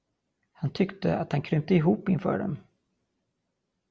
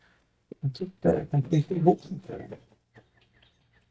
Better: first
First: none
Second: noise reduction (neural mask model DeepFilterNet 3)

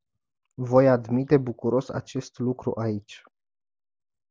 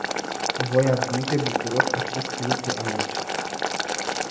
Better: first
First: none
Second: background sound (Boiling); 1 dB above the speech // room echo; dies away in 0.7 s

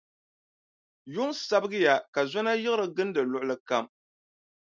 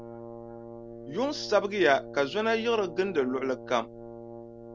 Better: first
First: none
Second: background sound (Brass instrument); 13 dB below the speech

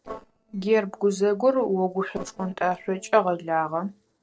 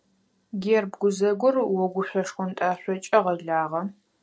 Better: second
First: noise reduction (neural separator model SepFormer DNS4)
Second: none

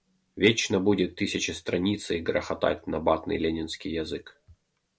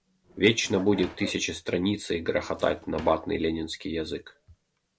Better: first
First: none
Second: background sound (Bark + Drawer open or close); 18 dB below the speech

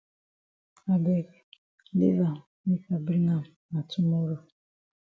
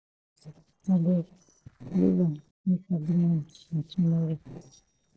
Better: first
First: none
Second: noise reduction (neural separator model SepFormer DNS4)

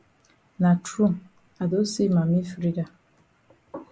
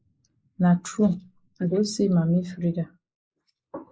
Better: first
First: none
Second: noise reduction (neural mask model Resemble Enhance denoiser)

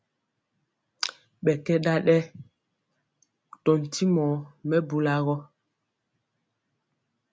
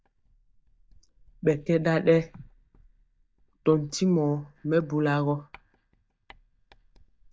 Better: first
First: none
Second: noise reduction (neural mask model DeepFilterNet 3)

